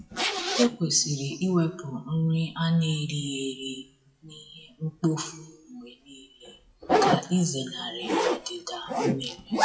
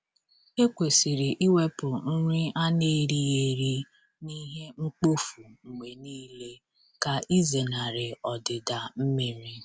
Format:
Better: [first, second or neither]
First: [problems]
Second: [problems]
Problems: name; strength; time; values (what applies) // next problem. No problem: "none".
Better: second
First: noise reduction (classical method WPE with log-MMSE)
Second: none